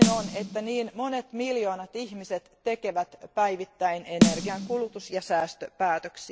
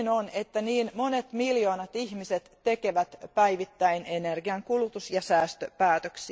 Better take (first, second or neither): second